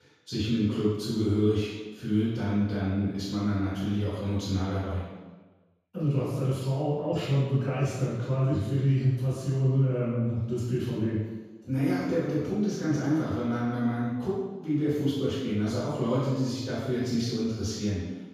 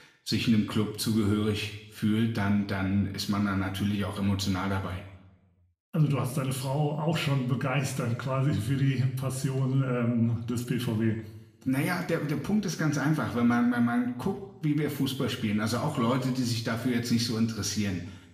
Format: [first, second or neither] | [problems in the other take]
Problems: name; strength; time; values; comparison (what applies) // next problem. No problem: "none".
second | room echo; strong; dies away in 1.2 s; slight in the second // off-mic speech; far; somewhat distant in the second